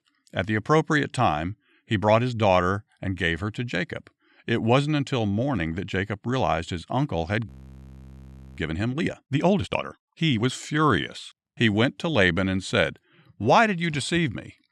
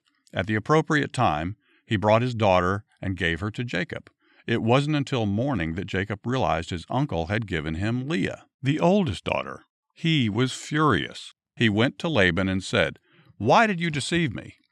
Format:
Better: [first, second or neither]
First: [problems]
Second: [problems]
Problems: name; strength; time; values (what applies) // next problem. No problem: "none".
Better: second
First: audio freezing; at 7.5 s for 1 s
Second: none